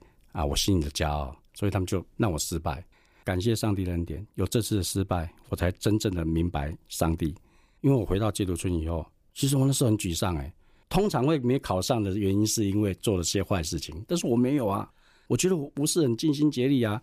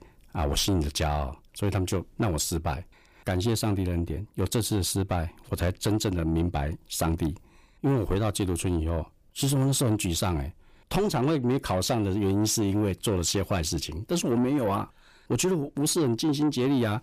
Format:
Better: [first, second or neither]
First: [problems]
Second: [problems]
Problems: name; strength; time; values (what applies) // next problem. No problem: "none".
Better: first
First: none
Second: distortion; slight; 10 dB below the speech